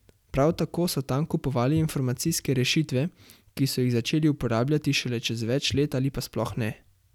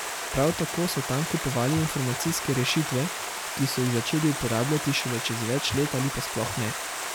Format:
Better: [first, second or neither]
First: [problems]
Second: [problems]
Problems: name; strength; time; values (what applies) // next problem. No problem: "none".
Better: first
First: none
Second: background sound (Stream); 5 dB below the speech